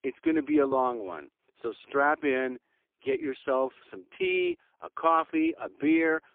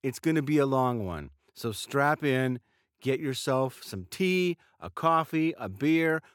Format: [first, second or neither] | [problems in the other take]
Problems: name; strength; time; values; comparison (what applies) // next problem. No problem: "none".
second | phone-call audio; poor line